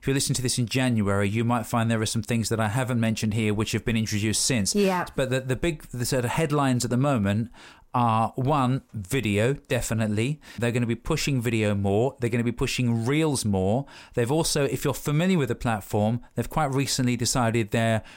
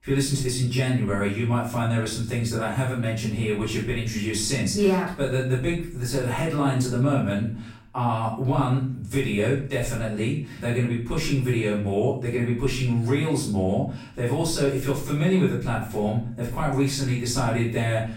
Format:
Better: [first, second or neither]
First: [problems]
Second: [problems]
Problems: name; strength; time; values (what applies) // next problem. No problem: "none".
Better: first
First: none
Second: off-mic speech; far // room echo; noticeable; dies away in 0.4 s